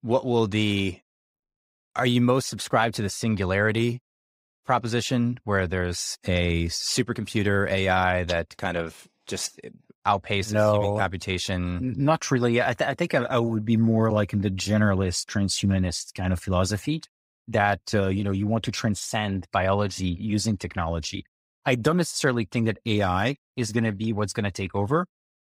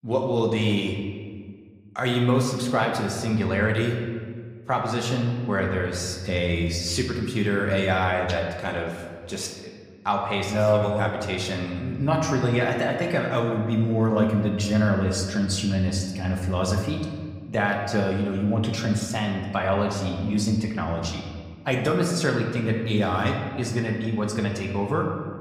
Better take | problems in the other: first | room echo; slight; dies away in 1.5 s

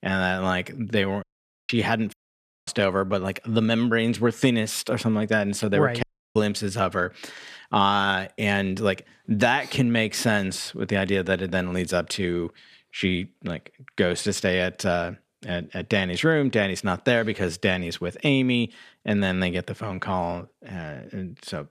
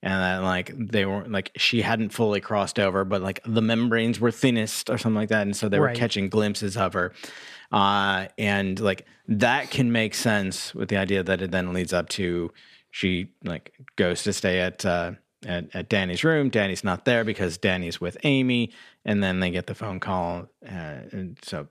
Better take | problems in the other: second | audio cutting out; at 1 s, at 2 s for 0.5 s and at 6 s

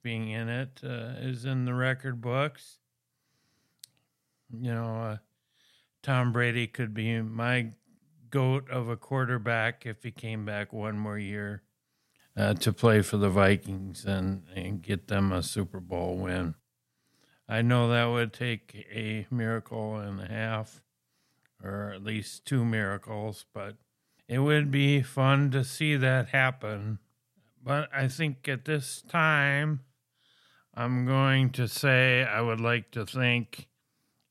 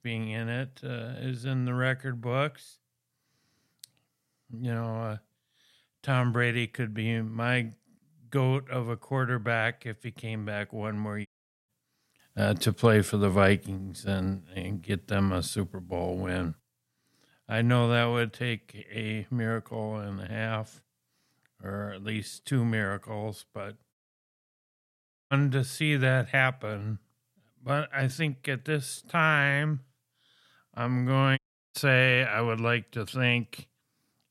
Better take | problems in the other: first | audio cutting out; at 11 s, at 24 s for 1.5 s and at 31 s

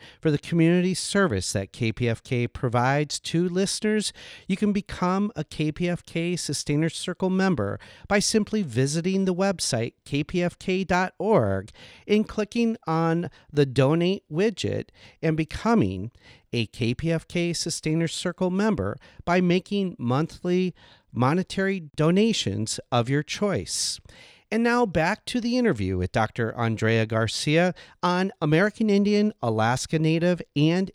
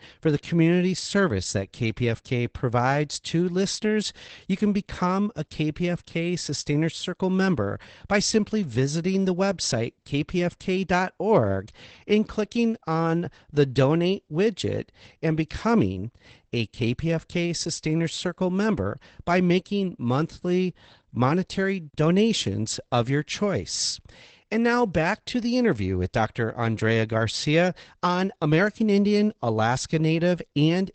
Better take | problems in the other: first | garbled, watery; badly; nothing above 8 kHz

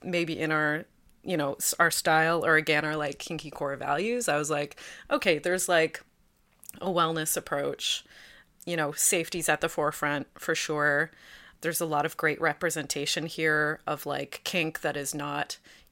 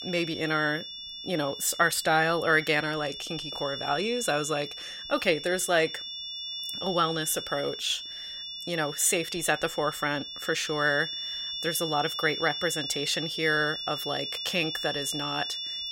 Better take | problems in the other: first | high-pitched whine; loud; throughout; 3.5 kHz, 6 dB below the speech

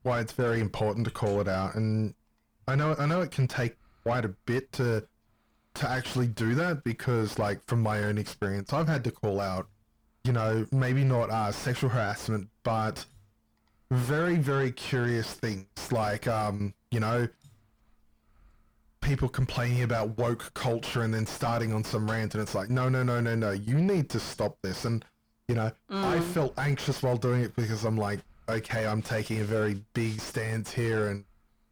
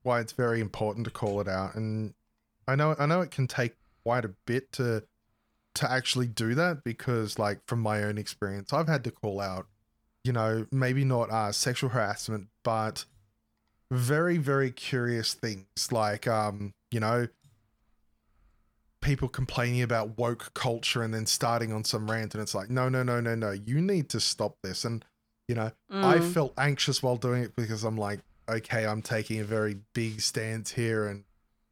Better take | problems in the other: second | distortion; heavy; 7 dB below the speech

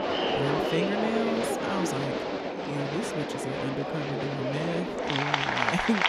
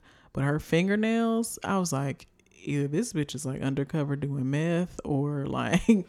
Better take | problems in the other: second | crowd noise; very loud; throughout; 4 dB above the speech

